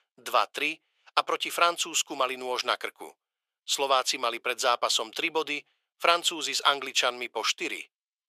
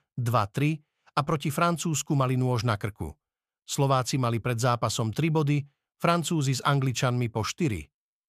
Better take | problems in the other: second | thin; very; fading below 400 Hz

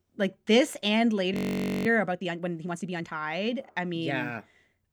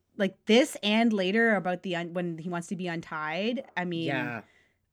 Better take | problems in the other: second | audio freezing; at 1.5 s for 0.5 s

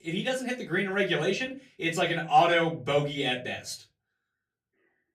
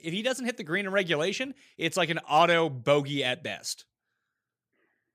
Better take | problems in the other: second | off-mic speech; far // room echo; very slight; dies away in 0.3 s

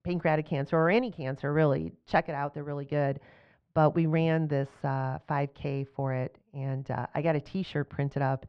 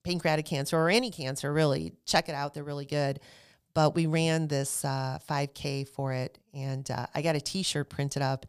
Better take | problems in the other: second | muffled; very; fading above 2 kHz

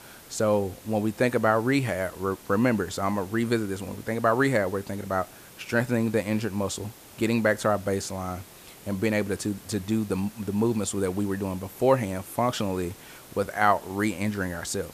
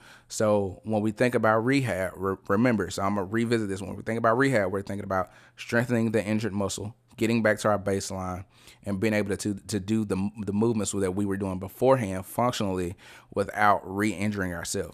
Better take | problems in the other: second | hiss; noticeable; throughout; 20 dB below the speech

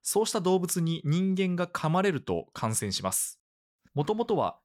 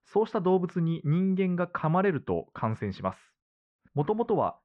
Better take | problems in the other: first | muffled; very; fading above 2 kHz

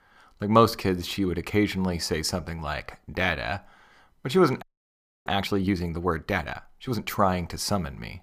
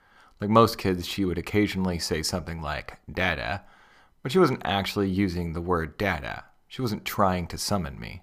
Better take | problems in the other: second | audio freezing; at 4.5 s for 0.5 s

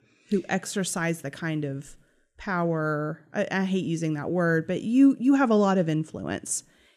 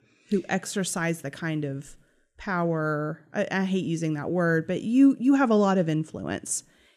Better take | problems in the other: neither | none

